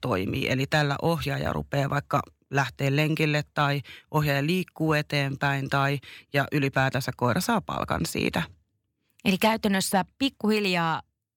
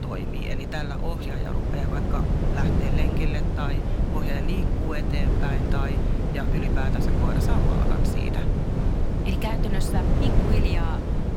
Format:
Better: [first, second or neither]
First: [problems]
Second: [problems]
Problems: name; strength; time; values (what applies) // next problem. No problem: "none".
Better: first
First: none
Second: wind noise on the microphone; heavy; 2 dB above the speech